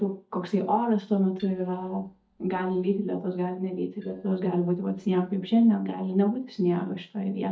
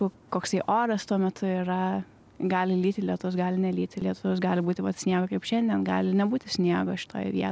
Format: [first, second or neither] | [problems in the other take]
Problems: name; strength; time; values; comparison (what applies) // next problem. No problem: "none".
second | noise reduction (neural mask model DeepFilterNet 3)